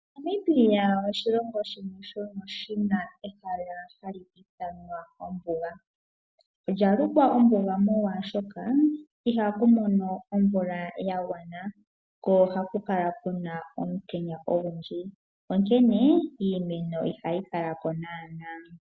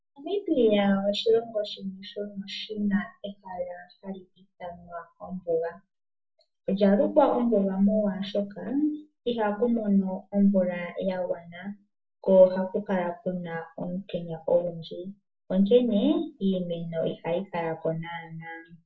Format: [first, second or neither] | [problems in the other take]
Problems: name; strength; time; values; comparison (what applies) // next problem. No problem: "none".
first | room echo; dies away in 0.2 s